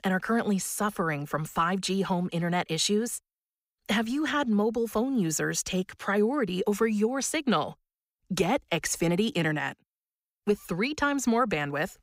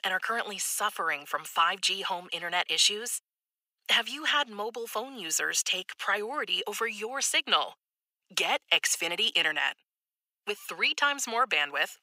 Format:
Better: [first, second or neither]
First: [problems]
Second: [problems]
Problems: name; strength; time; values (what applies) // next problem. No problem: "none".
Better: first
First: none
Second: thin; very; fading below 800 Hz